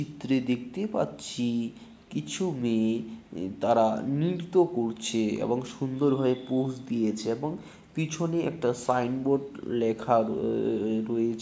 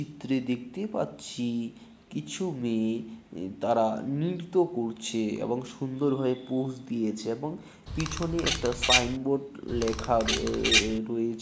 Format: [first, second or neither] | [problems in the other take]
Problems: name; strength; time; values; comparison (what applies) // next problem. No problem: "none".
first | background sound (Bird vocalization, bird call, bird song); 1 dB above the speech